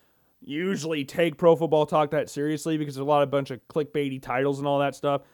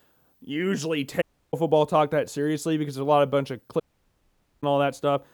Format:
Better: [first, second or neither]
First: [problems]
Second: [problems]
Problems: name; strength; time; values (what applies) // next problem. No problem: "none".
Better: first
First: none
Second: audio cutting out; at 1 s and at 4 s for 1 s